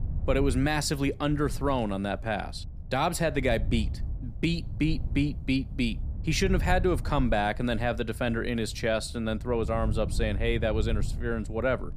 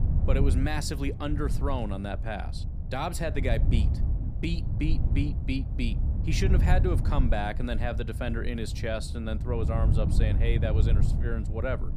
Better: first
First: wind noise on the microphone; occasional gusts; 20 dB below the speech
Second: wind noise on the microphone; heavy; 9 dB below the speech

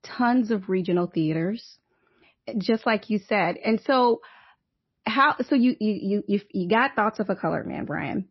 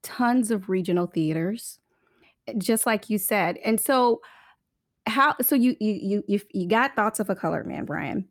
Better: second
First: garbled, watery; slightly; nothing above 5.5 kHz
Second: none

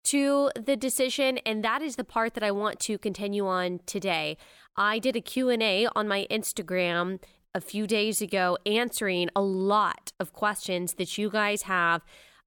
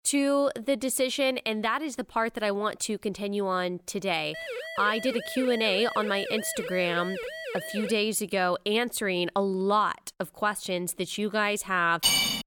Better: first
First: none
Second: siren; noticeable; from 4.5 to 8 s; peak 7 dB below the speech // clattering dishes; loud; at 12 s; peak 6 dB above the speech

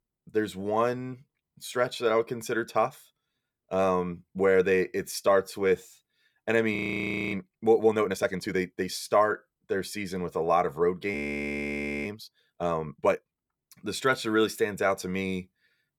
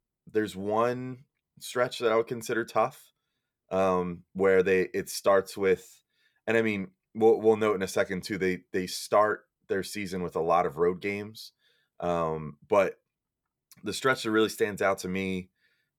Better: second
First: audio freezing; at 7 s for 0.5 s and at 11 s for 1 s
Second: none

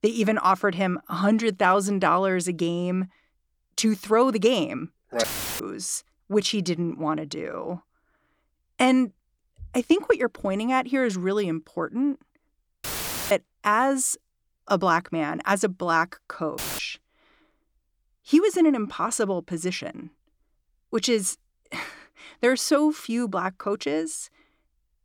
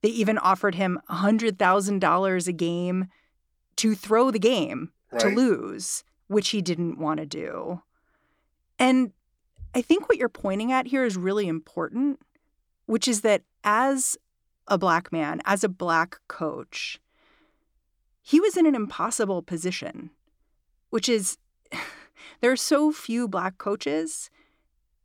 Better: second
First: audio cutting out; filled with static; at 5 s, at 13 s and at 17 s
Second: none

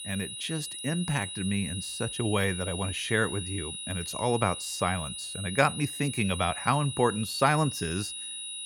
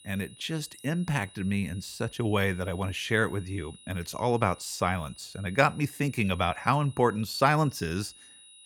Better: second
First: high-pitched whine; loud; throughout; 10 kHz, 6 dB below the speech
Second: high-pitched whine; faint; throughout; 10 kHz, 20 dB below the speech

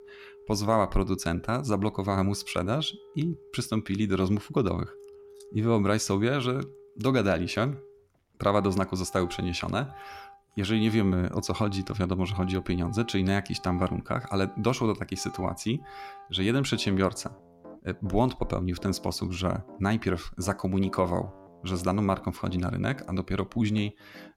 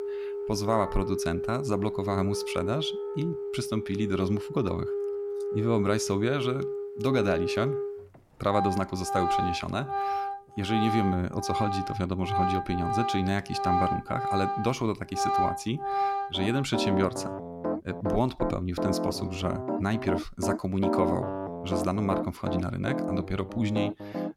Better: first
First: background music; faint; throughout; 20 dB below the speech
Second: background music; loud; throughout; 2 dB below the speech

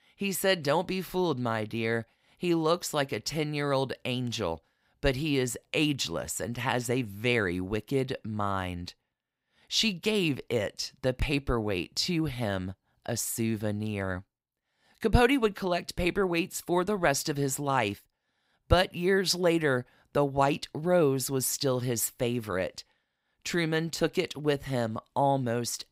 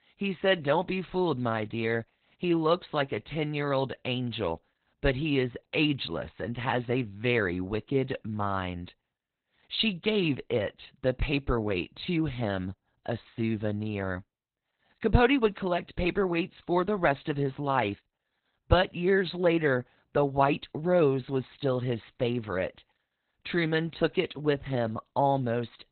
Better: first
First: none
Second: garbled, watery; badly; nothing above 4 kHz

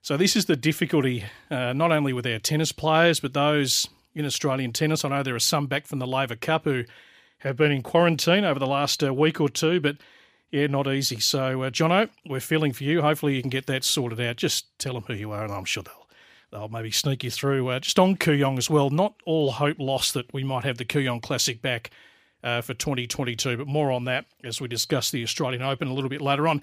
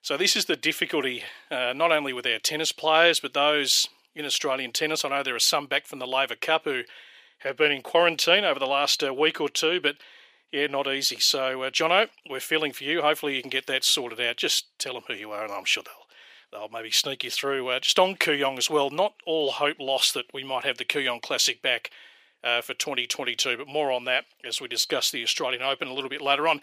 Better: first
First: none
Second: thin; somewhat; fading below 500 Hz

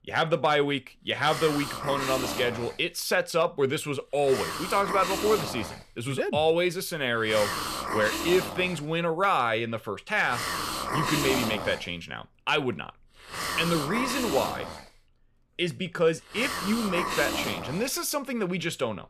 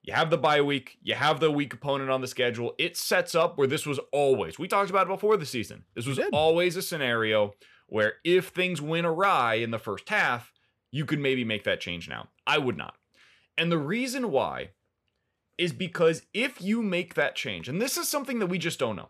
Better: second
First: hiss; loud; throughout; 4 dB below the speech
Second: none

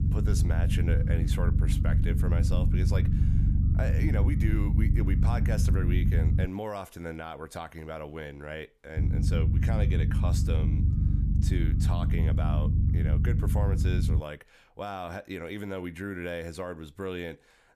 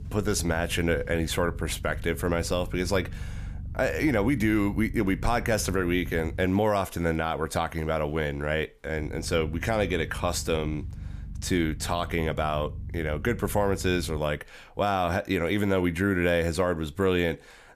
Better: second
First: low rumble; loud; until 6.5 s and from 9 to 14 s; 2 dB below the speech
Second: low rumble; faint; until 6.5 s and from 9 to 14 s; 25 dB below the speech

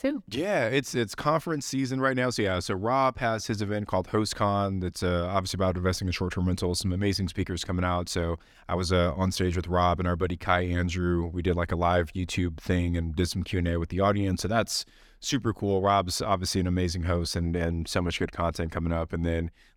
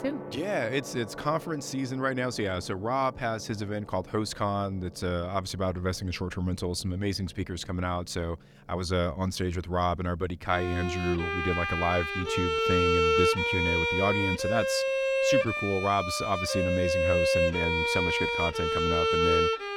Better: first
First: none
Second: background music; very loud; throughout; 4 dB above the speech

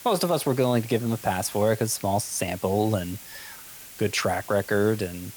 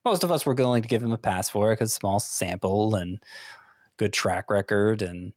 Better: second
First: hiss; noticeable; throughout; 15 dB below the speech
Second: none

